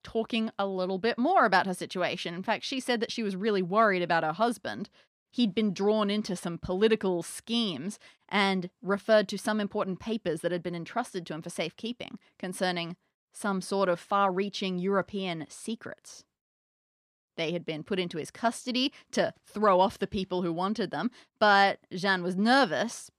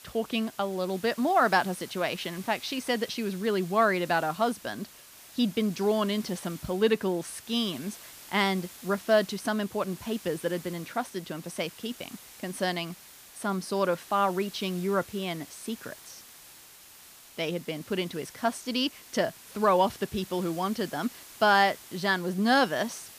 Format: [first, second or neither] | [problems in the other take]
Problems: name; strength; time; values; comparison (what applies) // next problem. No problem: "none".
first | hiss; noticeable; throughout; 20 dB below the speech